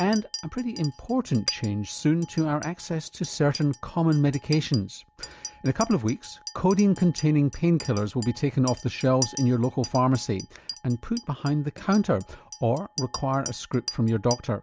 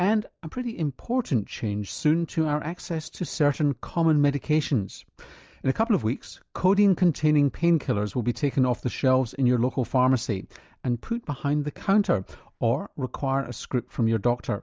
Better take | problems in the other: second | background sound (Chink, clink); 15 dB below the speech

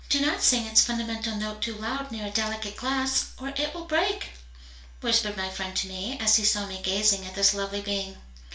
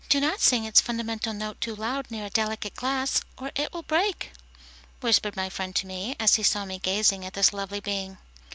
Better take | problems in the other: second | room echo; dies away in 0.4 s

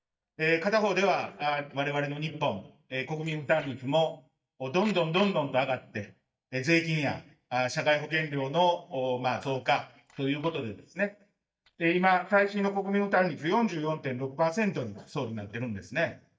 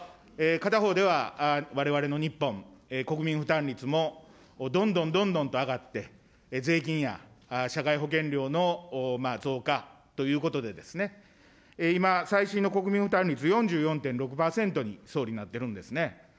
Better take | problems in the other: second | noise reduction (neural mask model DeepFilterNet 3)

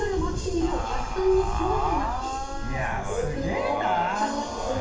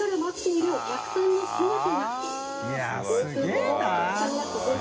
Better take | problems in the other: second | background sound (Wind); 5 dB below the speech // room echo; dies away in 0.7 s

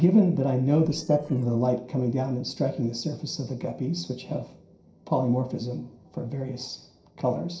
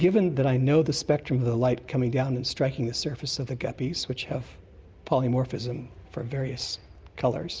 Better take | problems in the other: second | noise reduction (neural separator model SepFormer DNS4)

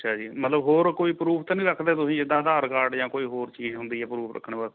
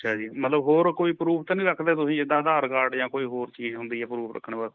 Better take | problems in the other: first | noise reduction (neural mask model Resemble Enhance denoiser)

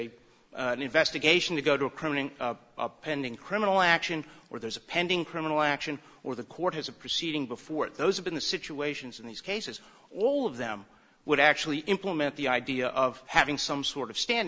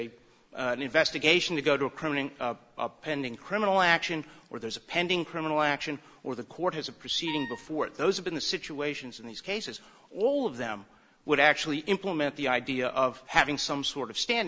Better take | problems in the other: first | background sound (Wind instrument, woodwind instrument); 13 dB below the speech

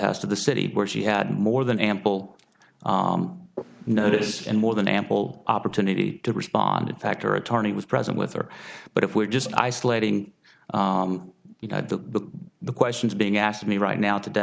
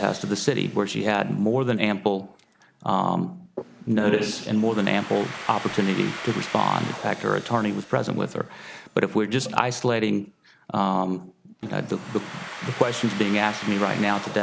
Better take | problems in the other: first | background sound (Domestic sounds, home sounds); 15 dB below the speech

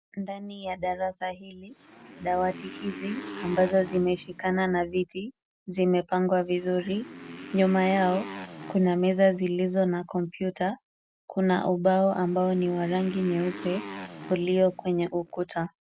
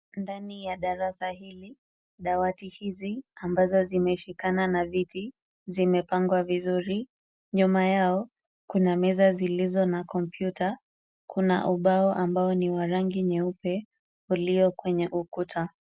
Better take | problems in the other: second | background sound (Motorcycle); 15 dB below the speech

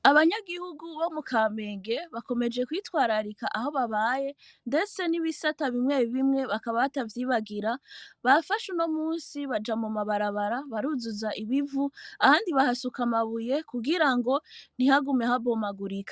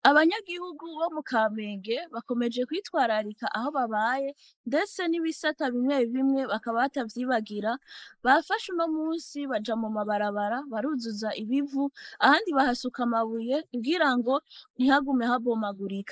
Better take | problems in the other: first | noise reduction (neural mask model Resemble Enhance denoiser)

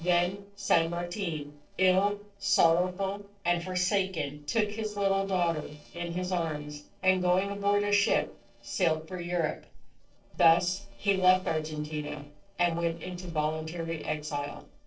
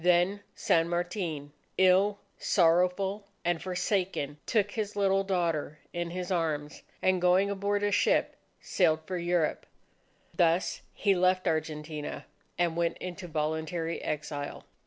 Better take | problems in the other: second | noise reduction (neural separator model SepFormer DNS4)

